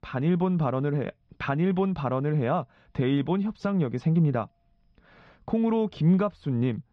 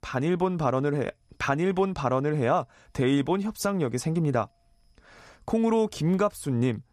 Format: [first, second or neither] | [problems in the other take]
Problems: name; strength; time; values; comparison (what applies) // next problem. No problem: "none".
second | muffled; slightly; fading above 3.5 kHz